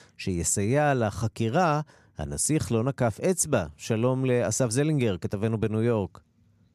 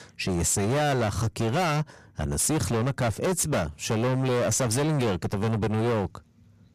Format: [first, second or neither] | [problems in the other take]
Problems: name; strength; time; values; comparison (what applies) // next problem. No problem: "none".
first | distortion; heavy; 30% of the sound clipped